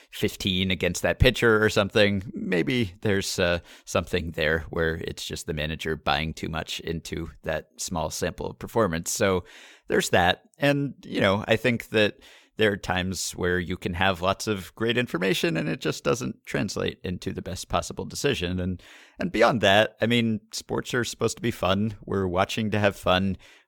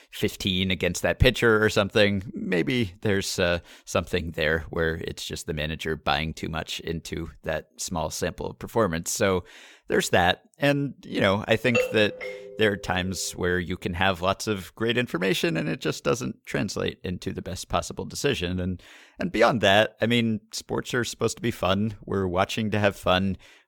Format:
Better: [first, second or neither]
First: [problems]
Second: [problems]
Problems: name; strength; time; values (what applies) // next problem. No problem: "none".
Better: first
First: none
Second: doorbell; noticeable; at 12 s; peak 1 dB below the speech